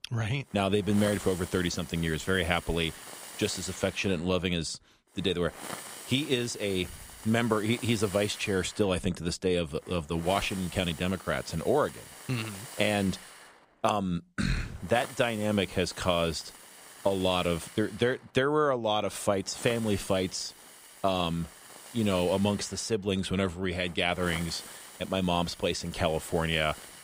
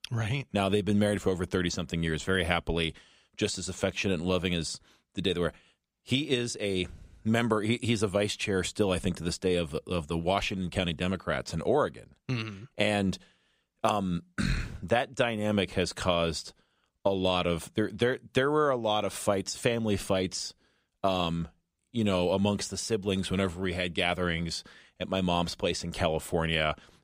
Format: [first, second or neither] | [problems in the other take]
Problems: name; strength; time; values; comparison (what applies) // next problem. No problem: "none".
second | hiss; noticeable; throughout; 15 dB below the speech